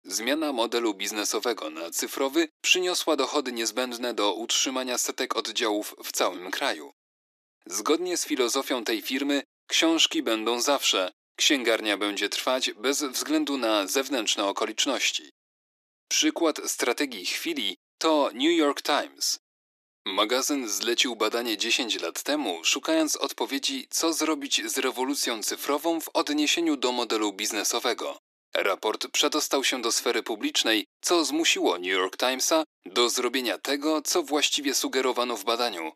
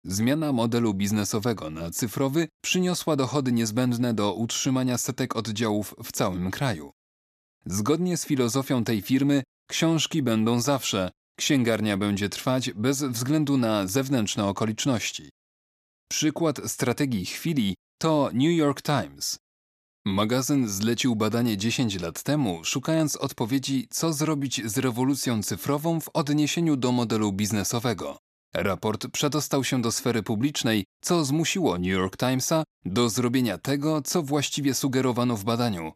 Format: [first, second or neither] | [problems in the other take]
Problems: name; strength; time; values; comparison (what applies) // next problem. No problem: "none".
second | thin; somewhat; fading below 300 Hz